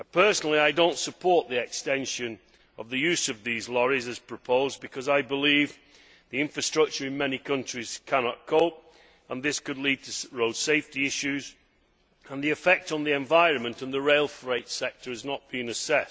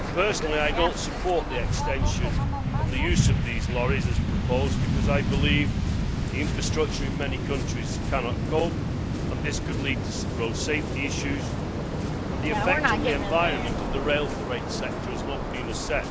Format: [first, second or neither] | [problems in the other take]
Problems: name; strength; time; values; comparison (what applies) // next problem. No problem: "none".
first | background sound (Waves, surf); 4 dB above the speech